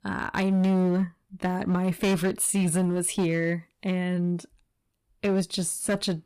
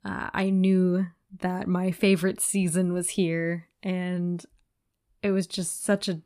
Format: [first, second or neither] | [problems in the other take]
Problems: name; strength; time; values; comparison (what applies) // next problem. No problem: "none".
second | distortion; slight; 10% of the sound clipped